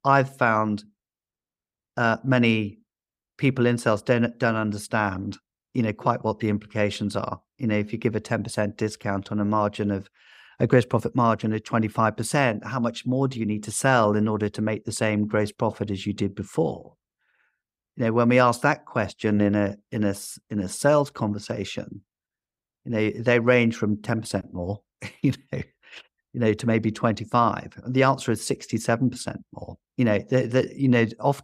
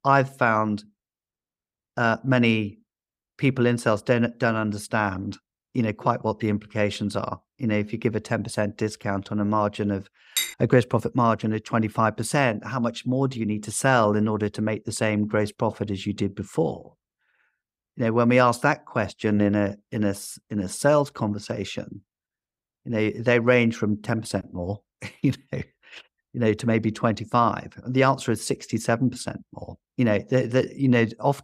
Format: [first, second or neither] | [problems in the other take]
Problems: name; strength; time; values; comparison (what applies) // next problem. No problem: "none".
first | clattering dishes; noticeable; at 10 s; peak 2 dB below the speech